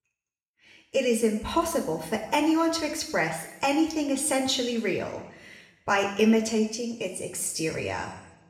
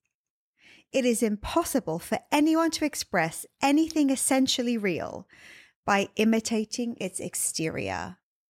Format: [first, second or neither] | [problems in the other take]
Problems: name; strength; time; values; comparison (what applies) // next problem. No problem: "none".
second | room echo; slight; dies away in 0.9 s // off-mic speech; somewhat distant